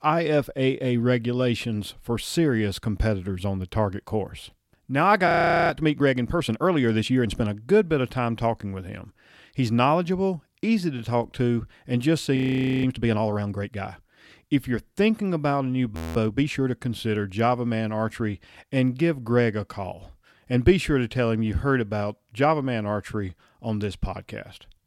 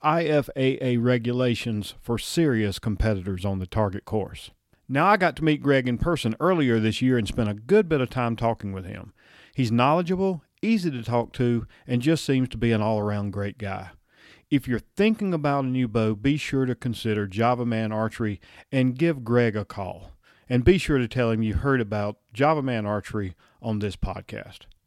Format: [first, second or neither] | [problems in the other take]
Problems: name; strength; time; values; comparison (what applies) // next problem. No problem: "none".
second | audio freezing; at 5.5 s, at 12 s and at 16 s